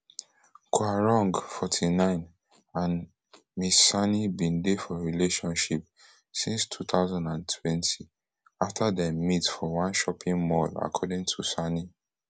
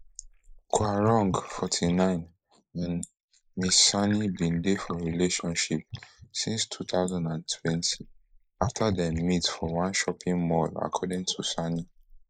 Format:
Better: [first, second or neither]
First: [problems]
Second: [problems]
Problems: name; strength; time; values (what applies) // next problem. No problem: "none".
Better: first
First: none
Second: noise reduction (neural mask model Resemble Enhance denoiser)